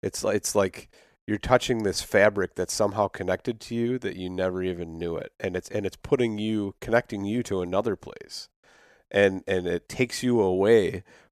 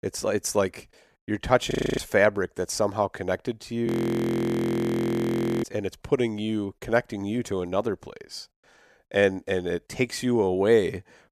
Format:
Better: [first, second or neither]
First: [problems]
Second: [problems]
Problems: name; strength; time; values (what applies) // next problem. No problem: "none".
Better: first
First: none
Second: audio freezing; at 1.5 s and at 4 s for 2 s